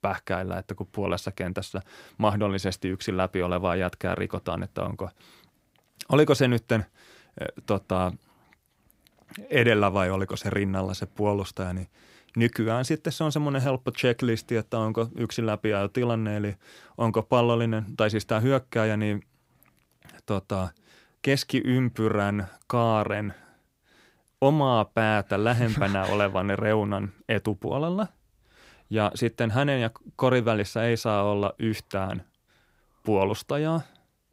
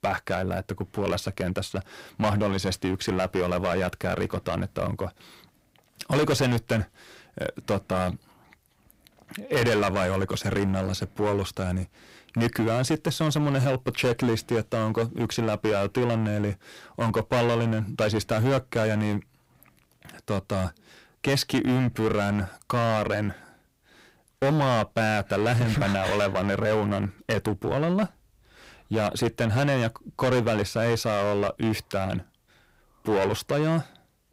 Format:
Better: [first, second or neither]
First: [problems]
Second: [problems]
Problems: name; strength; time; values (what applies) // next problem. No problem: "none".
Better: first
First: none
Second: distortion; heavy; 10% of the sound clipped